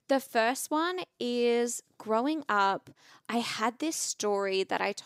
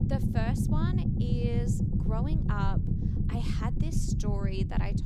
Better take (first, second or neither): first